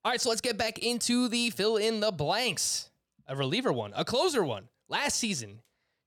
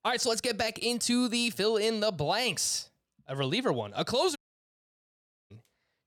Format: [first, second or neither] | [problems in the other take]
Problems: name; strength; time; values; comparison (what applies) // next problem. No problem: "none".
first | audio cutting out; at 4.5 s for 1 s